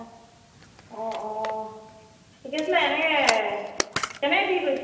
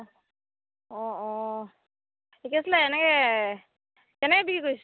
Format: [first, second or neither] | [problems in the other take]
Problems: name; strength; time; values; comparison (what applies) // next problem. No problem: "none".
second | background sound (Camera); 8 dB below the speech // room echo; dies away in 1 s